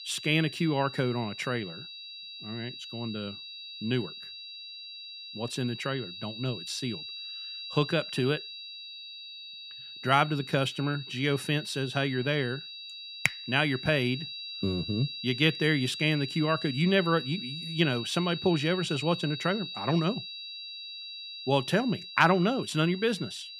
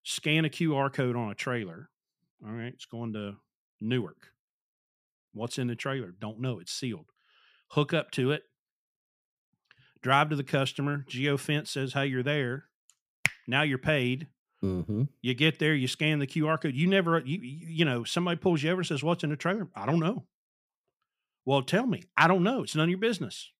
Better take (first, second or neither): second